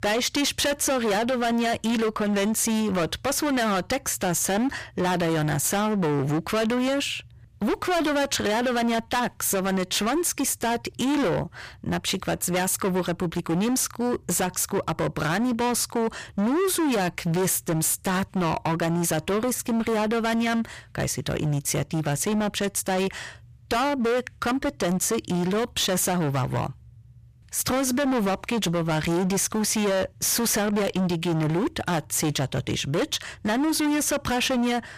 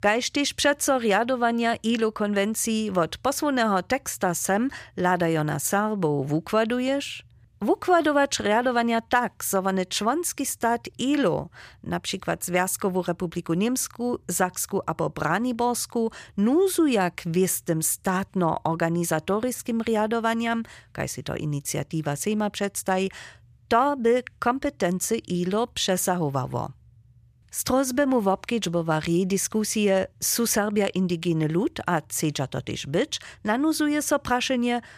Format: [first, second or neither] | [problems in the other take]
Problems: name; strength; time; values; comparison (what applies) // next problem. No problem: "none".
second | distortion; heavy; 27% of the sound clipped